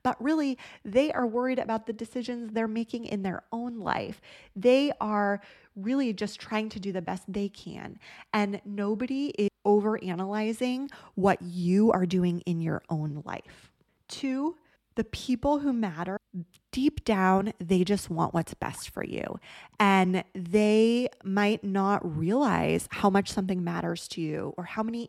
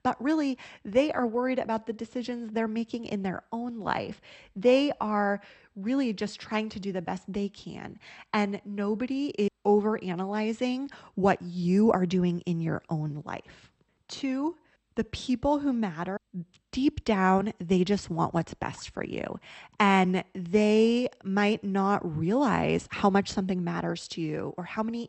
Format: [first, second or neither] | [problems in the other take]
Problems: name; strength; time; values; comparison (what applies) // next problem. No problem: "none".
first | garbled, watery; slightly; nothing above 8 kHz